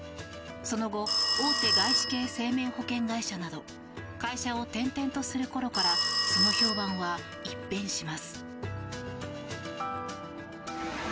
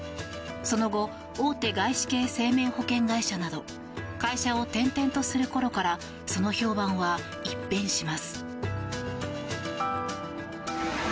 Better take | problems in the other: second | background sound (Telephone); 1 dB above the speech

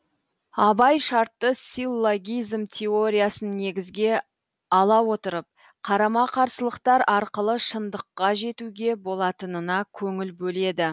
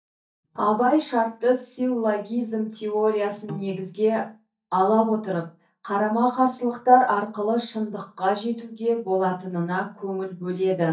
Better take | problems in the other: first | noise reduction (neural mask model DeepFilterNet 3)

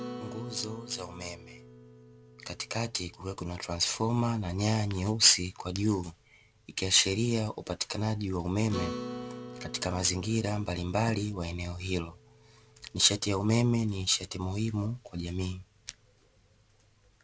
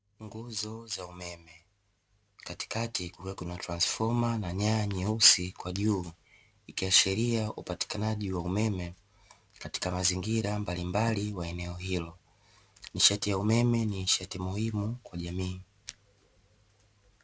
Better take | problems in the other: second | background sound (Acoustic guitar); 16 dB below the speech

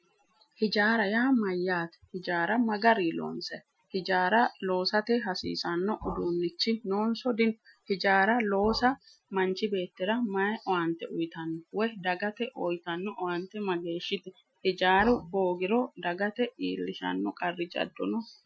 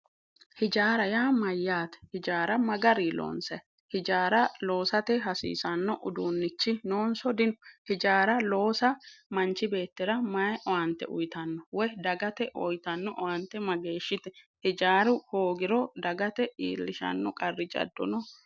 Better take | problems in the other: second | noise reduction (classical method Wiener filter)

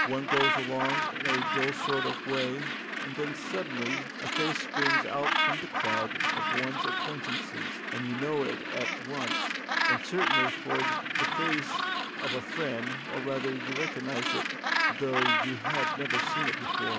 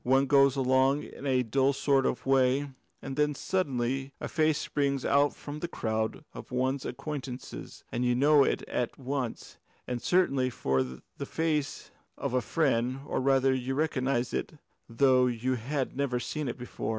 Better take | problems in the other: second | background sound (Gull, seagull); 5 dB above the speech

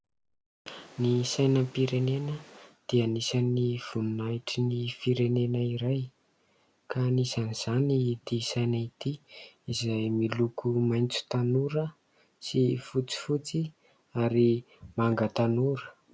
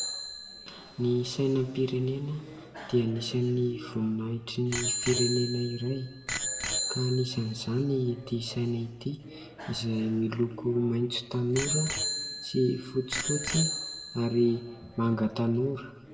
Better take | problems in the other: first | background sound (Bicycle bell); 7 dB below the speech // room echo; dies away in 1 s

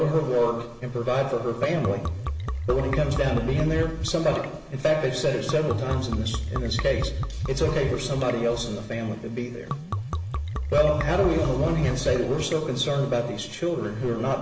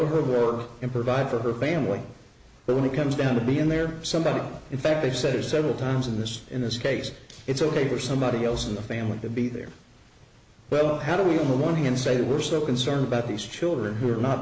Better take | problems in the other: second | background sound (Liquid); 5 dB below the speech // room echo; dies away in 0.8 s

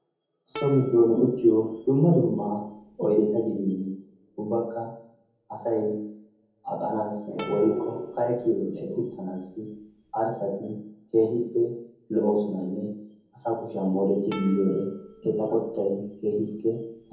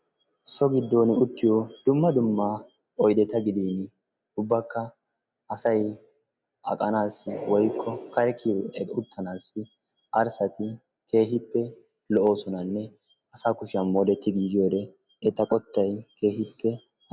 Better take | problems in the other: second | background sound (Plucked string instrument); 18 dB below the speech // room echo; dies away in 0.7 s

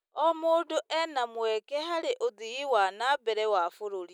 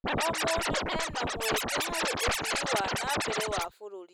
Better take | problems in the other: first | background sound (Scratching (performance technique)); 5 dB above the speech

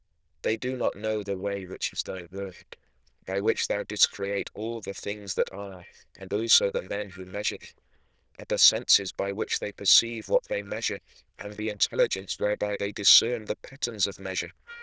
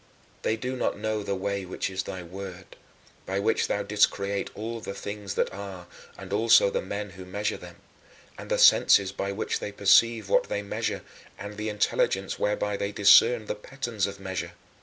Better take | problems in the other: second | noise reduction (neural diffusion model UNIVERSE++)

